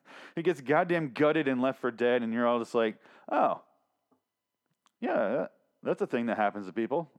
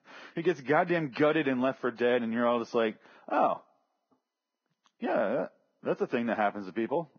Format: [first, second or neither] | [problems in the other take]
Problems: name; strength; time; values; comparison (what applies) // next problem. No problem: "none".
first | garbled, watery; badly; nothing above 6 kHz